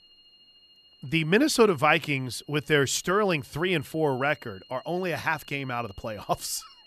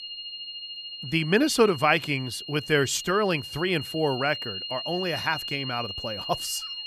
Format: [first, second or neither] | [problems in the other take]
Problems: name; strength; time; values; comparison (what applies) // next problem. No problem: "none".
first | high-pitched whine; loud; throughout; 3 kHz, 8 dB below the speech; faint in the first